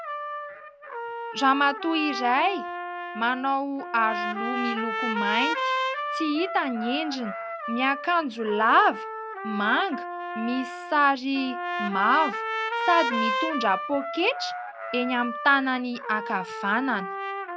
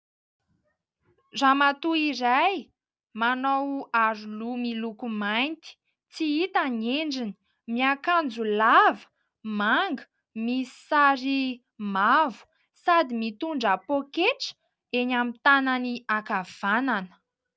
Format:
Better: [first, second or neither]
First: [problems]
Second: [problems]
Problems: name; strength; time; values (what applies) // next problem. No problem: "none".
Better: second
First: background sound (Trumpet); 5 dB below the speech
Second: none